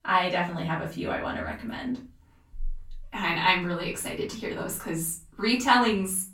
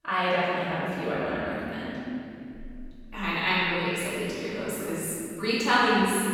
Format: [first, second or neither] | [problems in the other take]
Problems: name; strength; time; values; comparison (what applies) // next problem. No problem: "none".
first | room echo; strong; dies away in 2.6 s; slight in the first // off-mic speech; far; far in the first